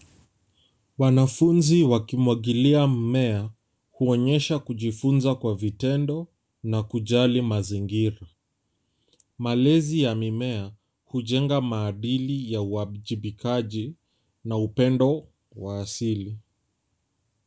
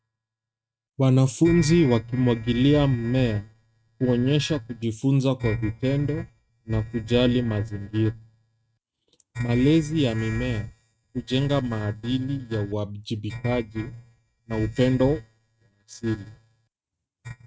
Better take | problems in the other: first | noise reduction (neural mask model RNNoise)

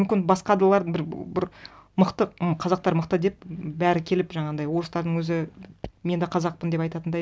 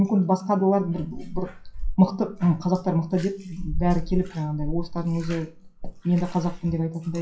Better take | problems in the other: first | noise reduction (classical method WPE with log-MMSE)

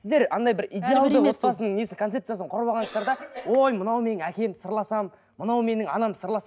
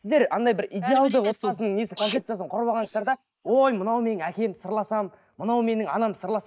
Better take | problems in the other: first | noise reduction (neural mask model Resemble Enhance denoiser)

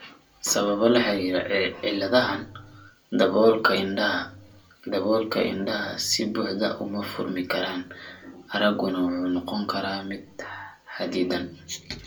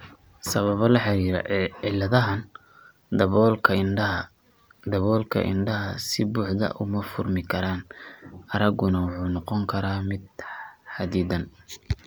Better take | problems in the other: second | room echo; dies away in 0.2 s

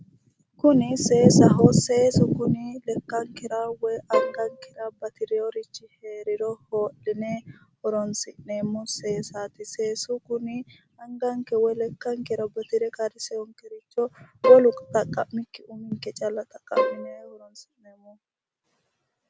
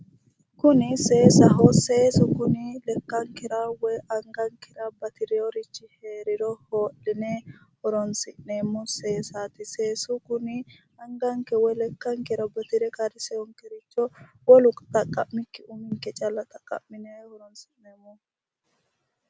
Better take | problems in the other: second | background sound (Bowed string instrument); 3 dB below the speech

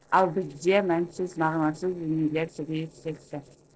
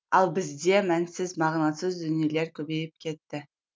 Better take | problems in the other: second | noise reduction (neural separator model SepFormer DNS4)

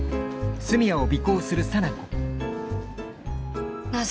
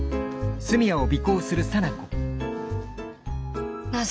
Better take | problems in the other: second | background sound (Train); 19 dB below the speech

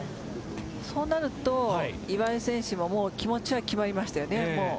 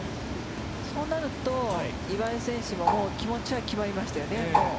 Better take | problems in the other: first | background sound (Bird); 1 dB below the speech

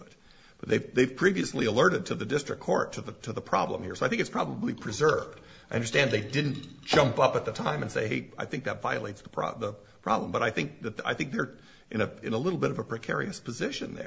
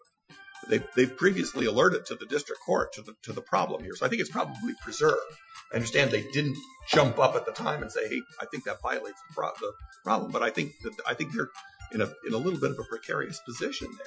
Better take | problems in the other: first | noise reduction (classical method Wiener filter)

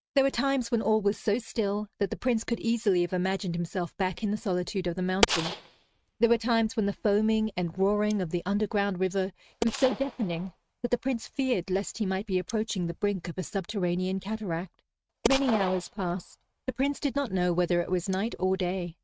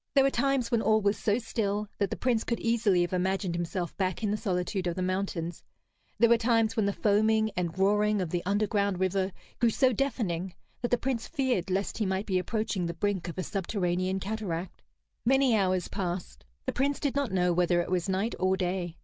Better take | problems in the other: second | noise reduction (neural mask model RNNoise)

